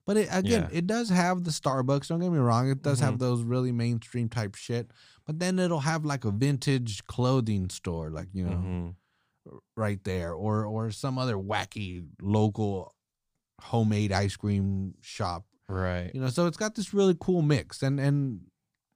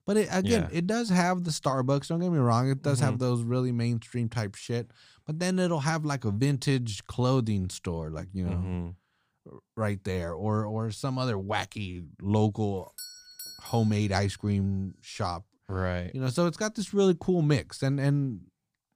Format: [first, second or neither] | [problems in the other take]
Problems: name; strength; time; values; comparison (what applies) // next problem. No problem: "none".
first | doorbell; faint; from 13 to 14 s; peak 10 dB below the speech